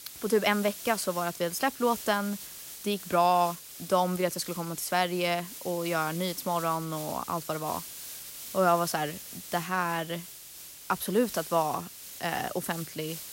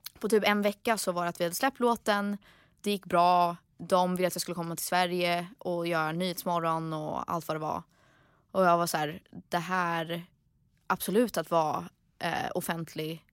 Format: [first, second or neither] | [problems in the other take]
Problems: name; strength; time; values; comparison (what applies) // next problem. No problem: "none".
second | hiss; noticeable; throughout; 10 dB below the speech